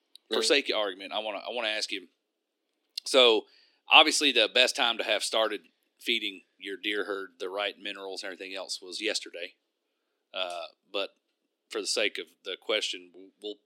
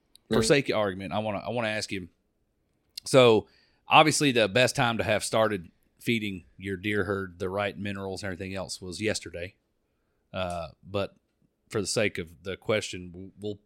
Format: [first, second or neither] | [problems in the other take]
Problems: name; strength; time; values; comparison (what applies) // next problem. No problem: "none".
second | thin; somewhat; fading below 300 Hz